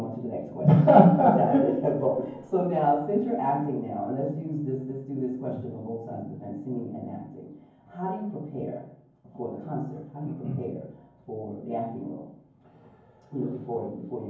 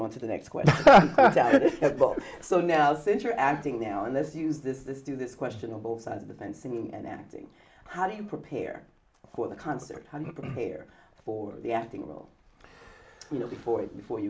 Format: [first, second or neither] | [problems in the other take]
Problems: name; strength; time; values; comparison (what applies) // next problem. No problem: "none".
second | room echo; dies away in 0.9 s